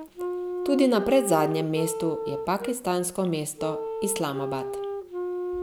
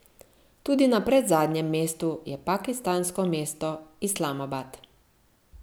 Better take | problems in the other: second | background sound (Wind instrument, woodwind instrument); 5 dB below the speech

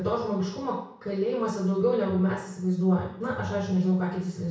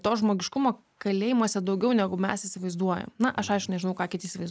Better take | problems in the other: second | room echo; dies away in 0.6 s

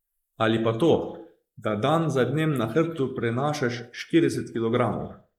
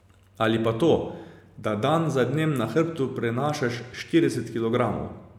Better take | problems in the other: second | noise reduction (neural mask model Resemble Enhance denoiser)

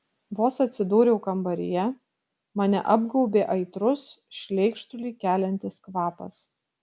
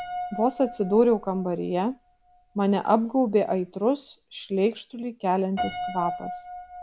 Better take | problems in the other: first | background sound (Piano); 12 dB below the speech

